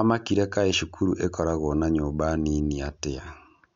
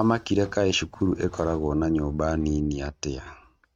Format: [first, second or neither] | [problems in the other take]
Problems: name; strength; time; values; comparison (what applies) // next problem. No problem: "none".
first | noise reduction (neural mask model RNNoise)